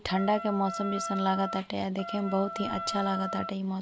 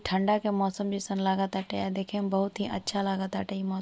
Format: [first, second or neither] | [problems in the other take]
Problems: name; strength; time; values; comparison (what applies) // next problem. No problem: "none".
second | background sound (Wind instrument, woodwind instrument); 7 dB below the speech